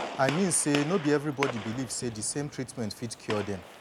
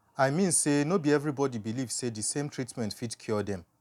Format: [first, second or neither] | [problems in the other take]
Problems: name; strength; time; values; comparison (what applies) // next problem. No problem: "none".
second | background sound (Gunshot, gunfire); 9 dB below the speech